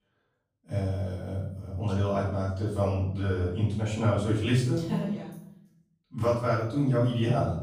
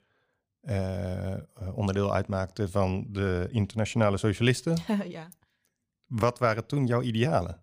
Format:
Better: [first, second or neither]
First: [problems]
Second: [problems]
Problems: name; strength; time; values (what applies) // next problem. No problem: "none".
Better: second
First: off-mic speech; far // room echo; noticeable; dies away in 0.7 s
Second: none